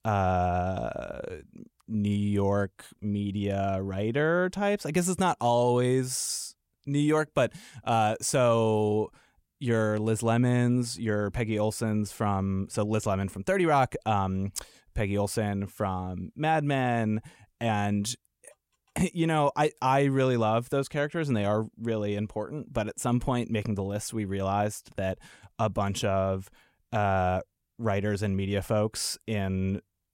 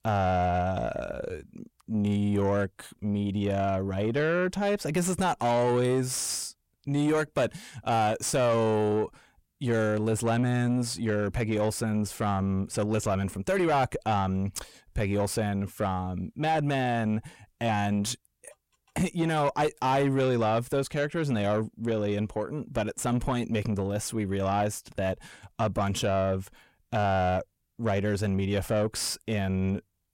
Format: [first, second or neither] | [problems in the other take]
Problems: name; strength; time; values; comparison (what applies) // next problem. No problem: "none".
first | distortion; slight; 10 dB below the speech